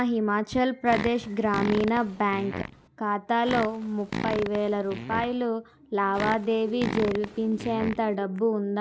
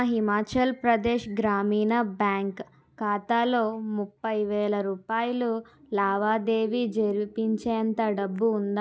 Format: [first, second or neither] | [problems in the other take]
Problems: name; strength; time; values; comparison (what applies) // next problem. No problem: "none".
second | background sound (Fart); 8 dB below the speech